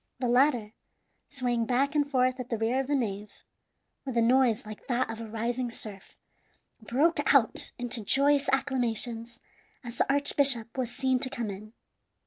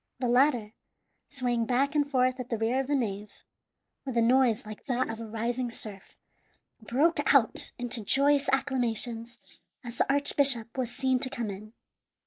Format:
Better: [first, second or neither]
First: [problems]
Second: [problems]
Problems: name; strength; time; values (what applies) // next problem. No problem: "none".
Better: first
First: none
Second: noise reduction (neural mask model Resemble Enhance denoiser)